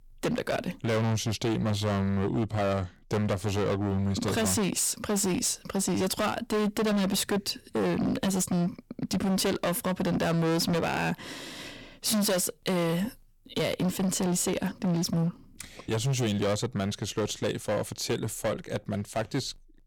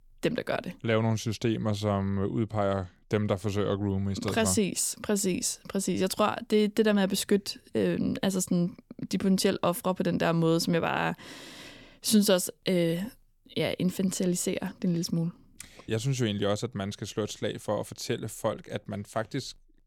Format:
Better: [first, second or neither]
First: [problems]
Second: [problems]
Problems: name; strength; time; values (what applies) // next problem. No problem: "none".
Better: second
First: distortion; heavy; 21% of the sound clipped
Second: none